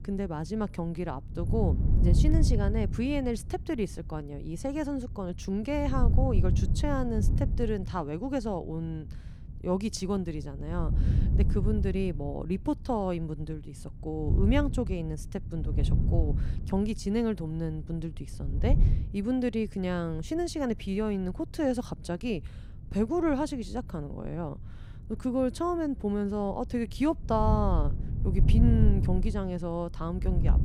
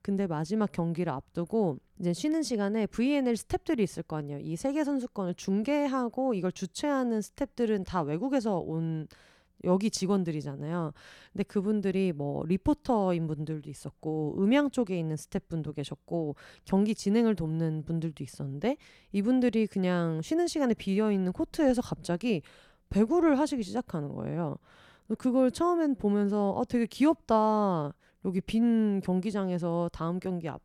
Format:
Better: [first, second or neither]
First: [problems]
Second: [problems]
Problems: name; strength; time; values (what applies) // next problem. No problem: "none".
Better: second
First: wind noise on the microphone; heavy; 9 dB below the speech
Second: none